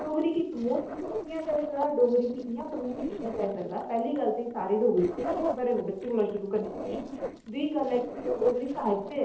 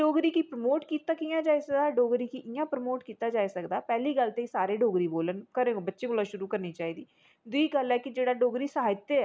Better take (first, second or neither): second